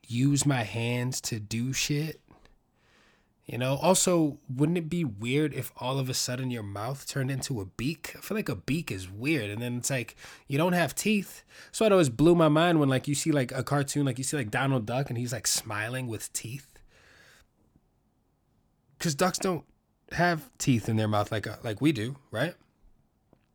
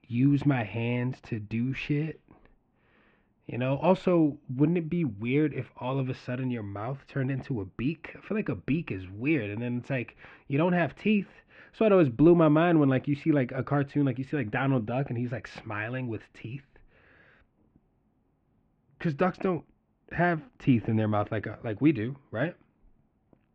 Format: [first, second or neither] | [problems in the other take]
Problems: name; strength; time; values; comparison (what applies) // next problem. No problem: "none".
first | muffled; very; fading above 2.5 kHz